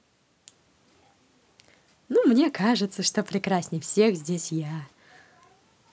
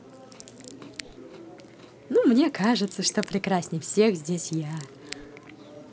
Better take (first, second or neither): first